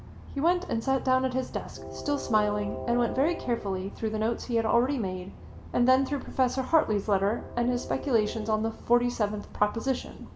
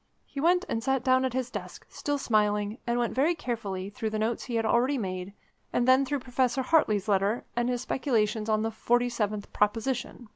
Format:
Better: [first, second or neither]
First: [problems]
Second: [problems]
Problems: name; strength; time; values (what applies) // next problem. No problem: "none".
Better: second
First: background sound (Train); 12 dB below the speech // room echo; dies away in 0.6 s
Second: none